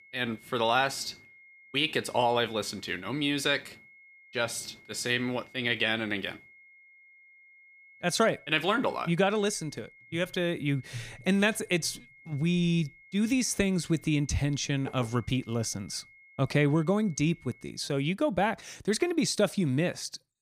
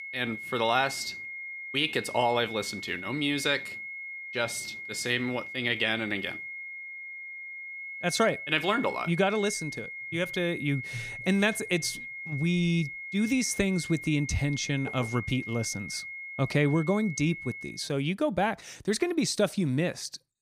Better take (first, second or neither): first